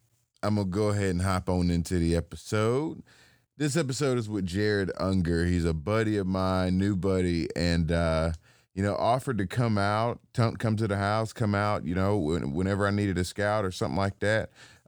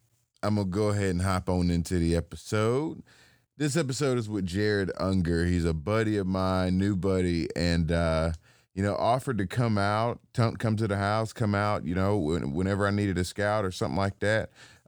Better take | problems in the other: neither | none

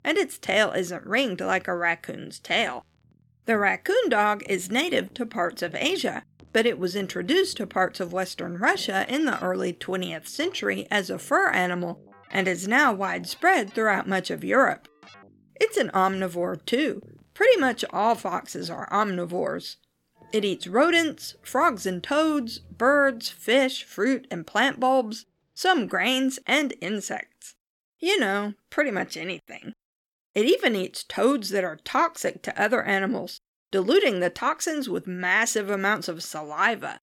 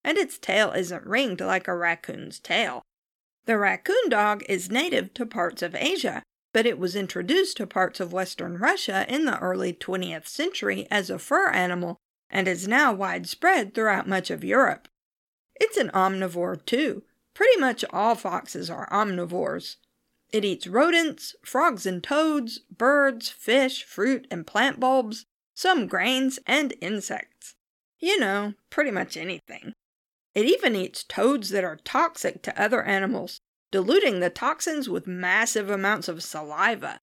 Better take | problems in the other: second | background music; faint; until 26 s; 30 dB below the speech

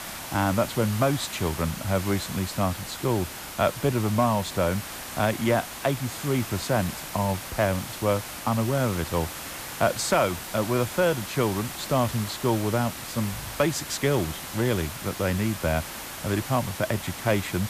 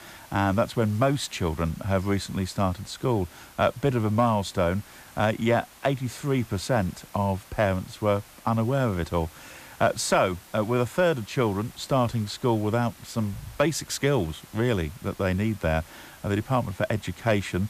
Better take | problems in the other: second | hiss; loud; throughout; 8 dB below the speech; faint in the second

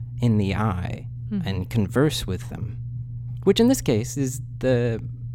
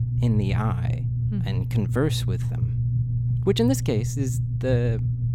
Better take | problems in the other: first | low rumble; loud; throughout; 8 dB below the speech; faint in the first

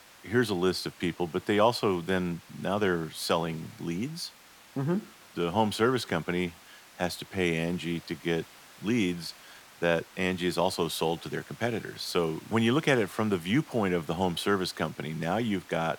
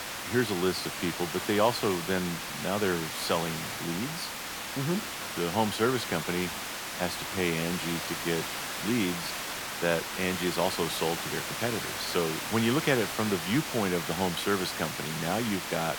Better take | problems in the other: first | hiss; loud; throughout; 3 dB below the speech; faint in the first

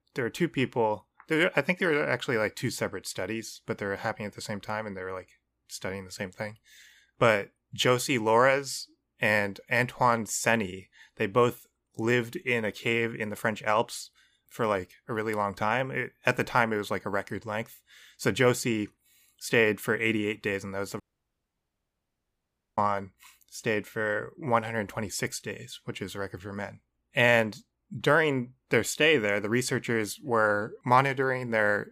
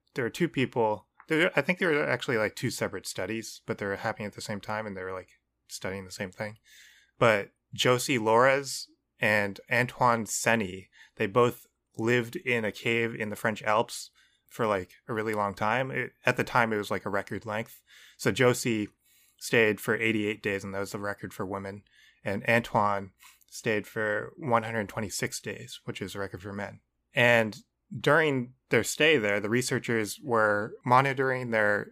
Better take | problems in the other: second | audio cutting out; at 21 s for 2 s

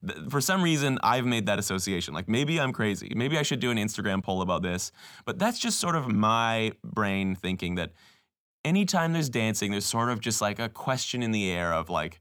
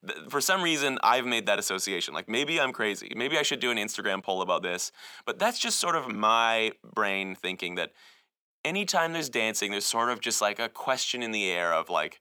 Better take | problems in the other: first | thin; somewhat; fading below 400 Hz

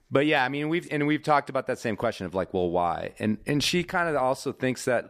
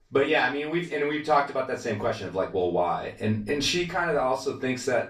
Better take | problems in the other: first | room echo; slight; dies away in 0.3 s // off-mic speech; far

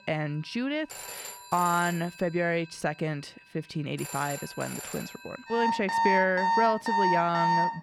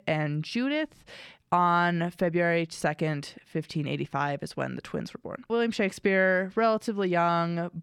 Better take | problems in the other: second | alarms or sirens; very loud; throughout; as loud as the speech

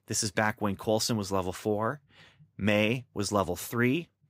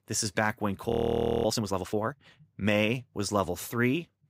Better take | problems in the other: first | audio freezing; at 1 s for 0.5 s

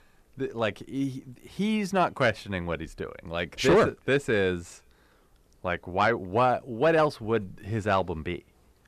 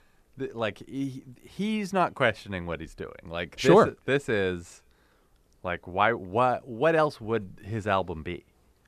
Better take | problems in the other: second | distortion; slight; 10 dB below the speech

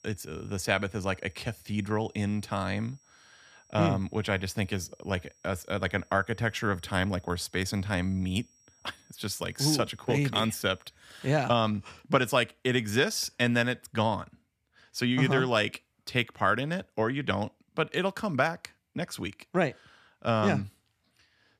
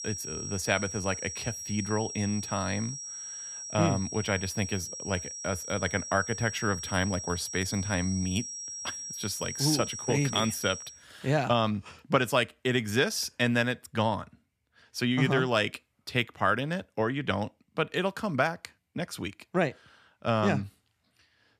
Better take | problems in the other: first | high-pitched whine; loud; until 11 s; 5.5 kHz, 7 dB below the speech; faint in the first

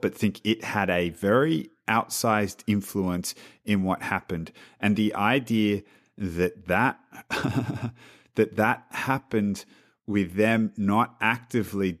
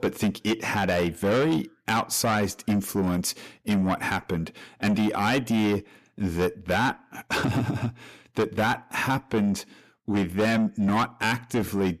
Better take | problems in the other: first | distortion; heavy; 7 dB below the speech

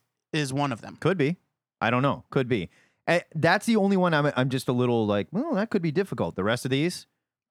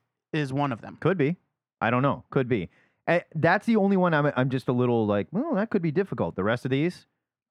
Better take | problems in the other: first | muffled; slightly; fading above 3.5 kHz

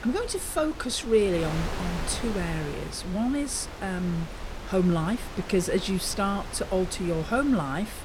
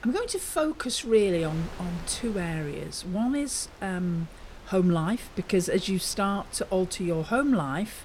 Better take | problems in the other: second | wind noise on the microphone; heavy; 9 dB below the speech; occasional gusts in the second

